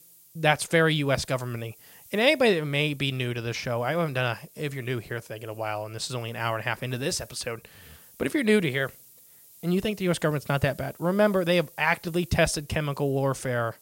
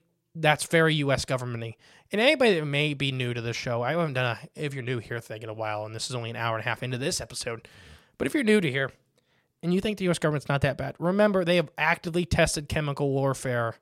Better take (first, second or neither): second